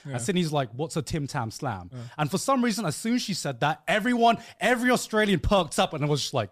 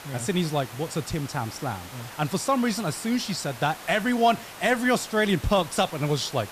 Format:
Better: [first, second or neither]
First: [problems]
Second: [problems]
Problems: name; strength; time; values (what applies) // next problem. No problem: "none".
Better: first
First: none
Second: hiss; noticeable; throughout; 15 dB below the speech